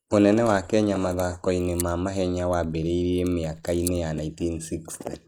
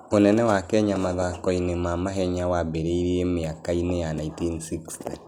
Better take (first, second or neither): second